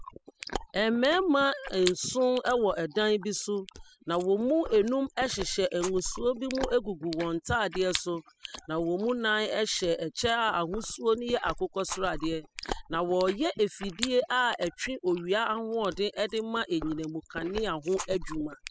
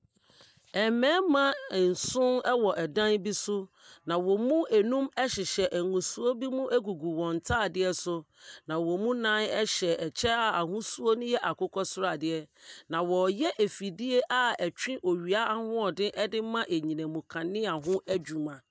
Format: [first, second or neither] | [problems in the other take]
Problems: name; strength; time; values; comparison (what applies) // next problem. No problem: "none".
second | noise reduction (classical method spectral subtraction)